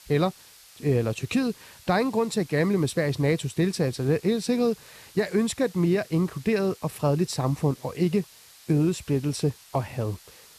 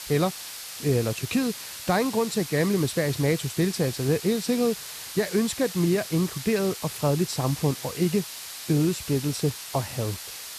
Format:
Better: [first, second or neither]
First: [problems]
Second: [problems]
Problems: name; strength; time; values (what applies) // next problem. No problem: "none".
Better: first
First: hiss; faint; throughout; 25 dB below the speech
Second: hiss; loud; throughout; 9 dB below the speech